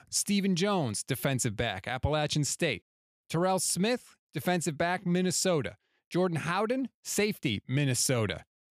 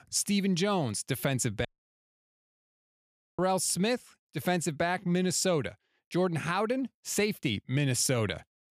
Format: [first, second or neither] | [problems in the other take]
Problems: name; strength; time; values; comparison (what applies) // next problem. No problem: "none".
first | audio cutting out; at 1.5 s for 1.5 s